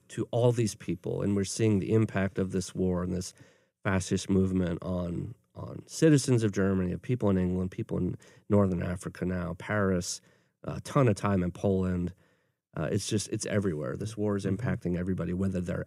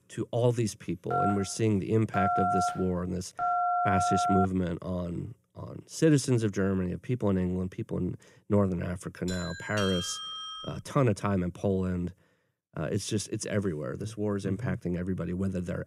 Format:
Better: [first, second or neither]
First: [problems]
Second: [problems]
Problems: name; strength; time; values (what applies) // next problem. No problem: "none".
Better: first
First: none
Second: phone ringing; loud; from 1 to 4.5 s; peak 3 dB above the speech // doorbell; noticeable; from 9.5 to 11 s; peak 4 dB below the speech